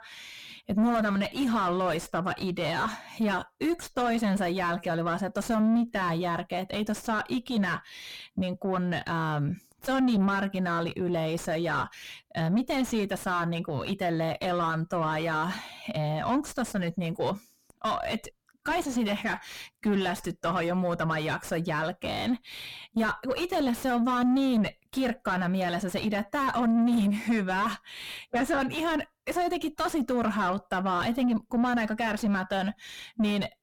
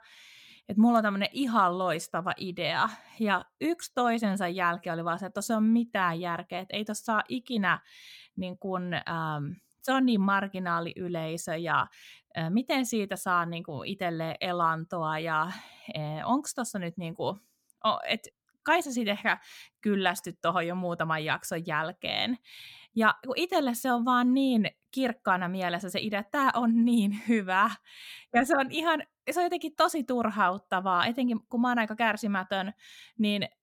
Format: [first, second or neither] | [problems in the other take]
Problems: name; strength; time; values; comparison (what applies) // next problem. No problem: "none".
second | distortion; heavy; 5 dB below the speech